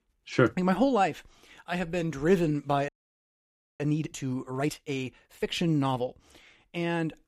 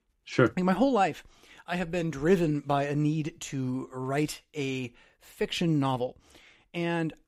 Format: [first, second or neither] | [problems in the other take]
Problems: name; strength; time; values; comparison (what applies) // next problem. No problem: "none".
second | audio freezing; at 3 s for 1 s